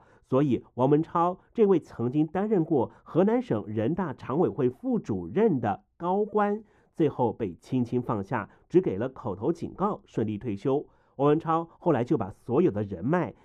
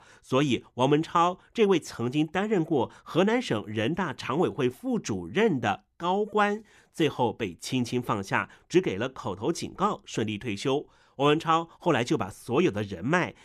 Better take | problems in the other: second | muffled; very; fading above 1.5 kHz

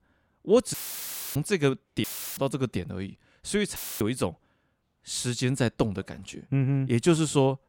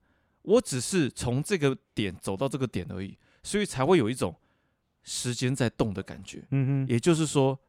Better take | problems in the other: second | audio cutting out; filled with static; at 0.5 s for 0.5 s, at 2 s and at 4 s

